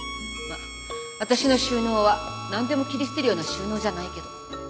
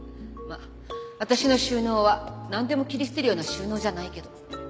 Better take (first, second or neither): second